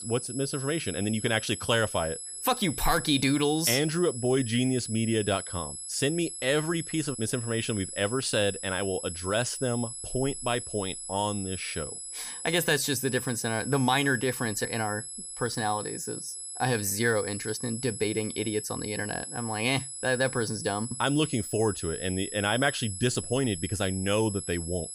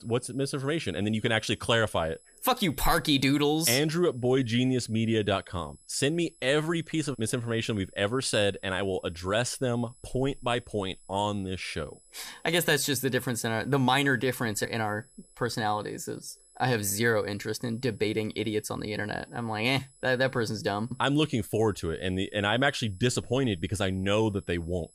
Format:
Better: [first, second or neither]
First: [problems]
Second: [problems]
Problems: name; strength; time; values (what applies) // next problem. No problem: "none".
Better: second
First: high-pitched whine; loud; throughout; 11 kHz, 8 dB below the speech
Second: high-pitched whine; faint; throughout; 11 kHz, 30 dB below the speech